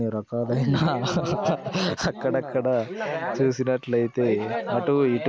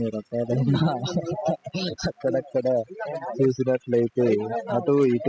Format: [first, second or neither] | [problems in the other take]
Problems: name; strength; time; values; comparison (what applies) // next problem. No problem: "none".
first | noise reduction (classical method spectral subtraction)